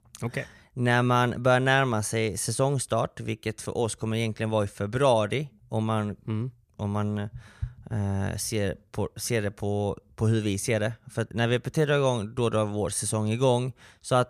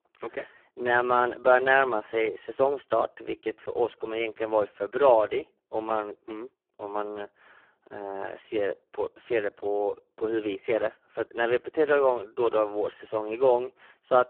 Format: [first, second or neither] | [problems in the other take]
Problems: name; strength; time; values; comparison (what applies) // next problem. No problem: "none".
first | phone-call audio; poor line